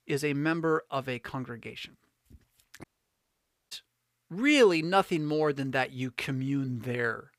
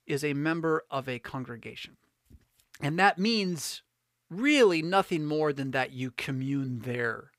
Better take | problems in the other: second | audio cutting out; at 3 s for 1 s

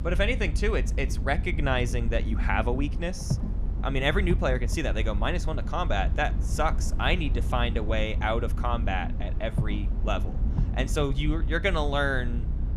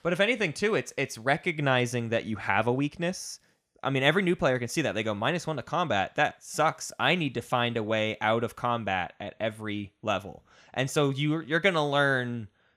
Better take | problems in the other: second | low rumble; noticeable; throughout; 15 dB below the speech

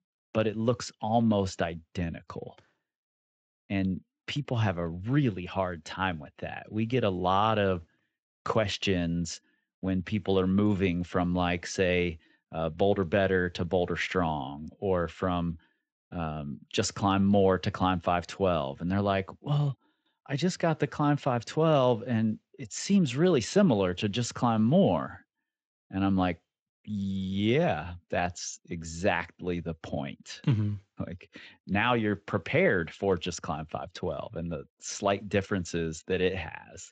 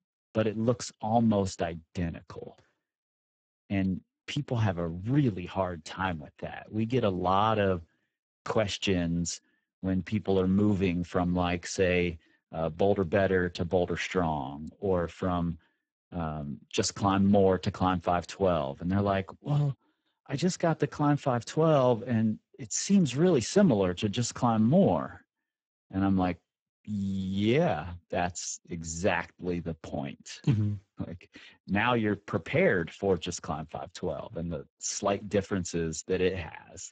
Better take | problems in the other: first | garbled, watery; badly; nothing above 7.5 kHz; slightly in the first

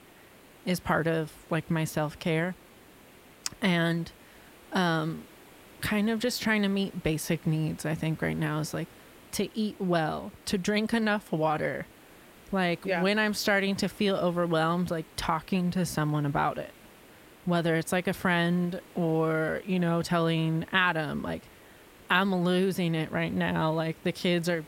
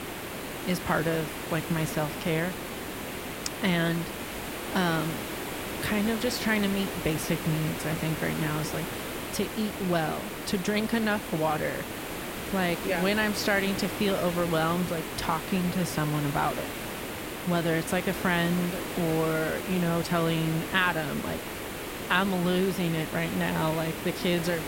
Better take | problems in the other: first | hiss; loud; throughout; 6 dB below the speech; faint in the first

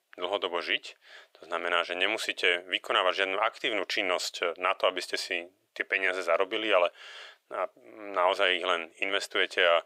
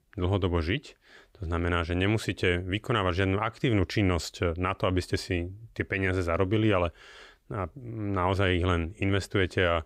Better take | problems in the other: second | thin; very; fading below 500 Hz

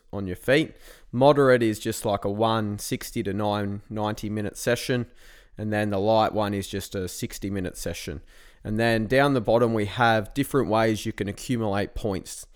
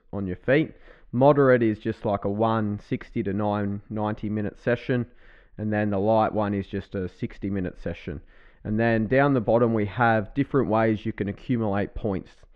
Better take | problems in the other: first | muffled; very; fading above 2.5 kHz

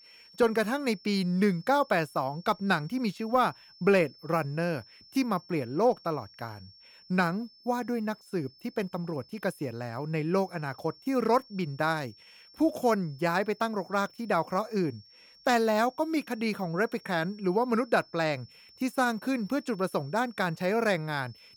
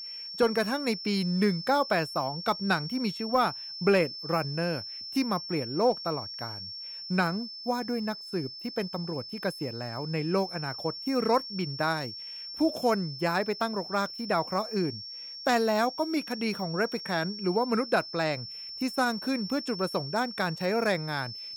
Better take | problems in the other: first | high-pitched whine; loud; throughout; 5.5 kHz, 8 dB below the speech; faint in the first

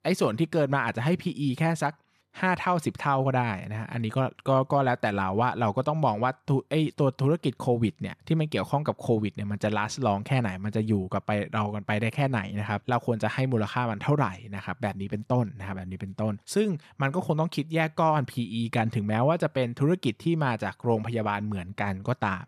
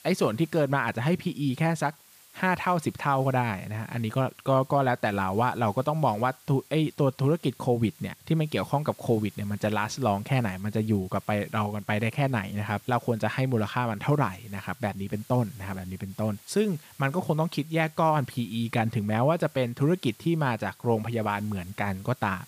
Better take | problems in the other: first | hiss; faint; throughout; 25 dB below the speech

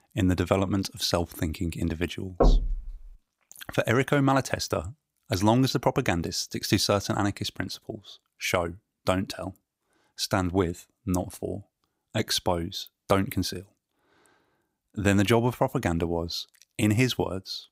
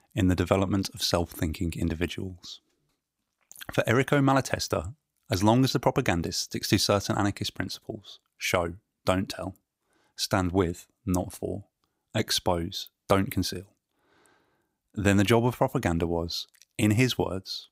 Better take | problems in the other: second | door banging; loud; at 2.5 s; peak 3 dB above the speech

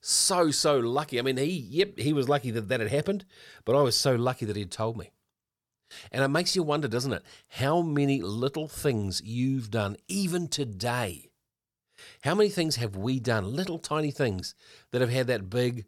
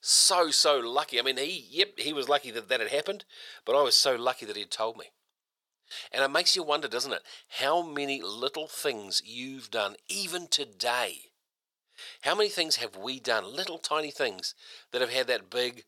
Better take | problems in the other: first | thin; very; fading below 600 Hz

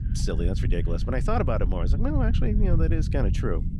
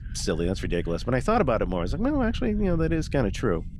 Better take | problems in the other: second | low rumble; loud; throughout; 9 dB below the speech; faint in the second

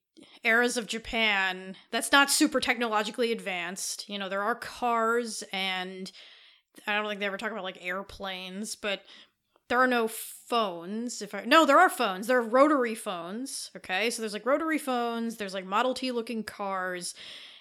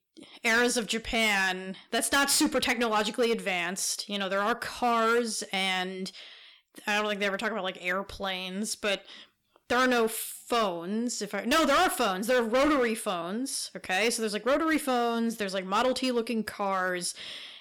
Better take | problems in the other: first | distortion; heavy; 8% of the sound clipped

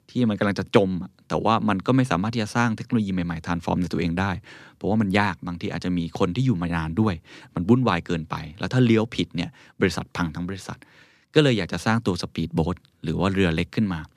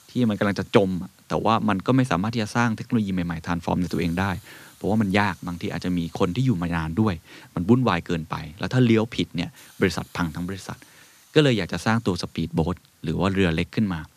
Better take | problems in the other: first | hiss; faint; throughout; 30 dB below the speech

